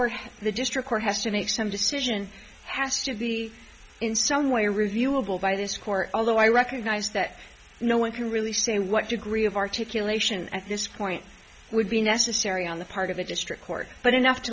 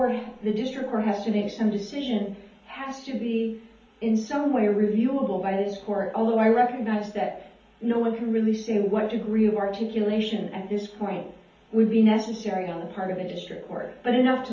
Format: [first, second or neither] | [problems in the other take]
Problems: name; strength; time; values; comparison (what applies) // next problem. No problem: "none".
first | room echo; dies away in 0.6 s